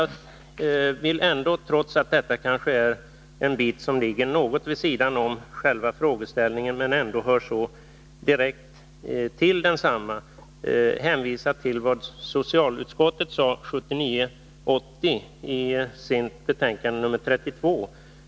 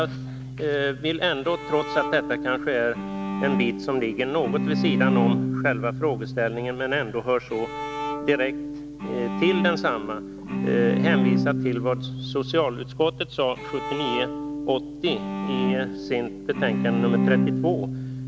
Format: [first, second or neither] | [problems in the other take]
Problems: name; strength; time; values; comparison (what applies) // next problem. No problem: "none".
first | background sound (Bowed string instrument); 1 dB below the speech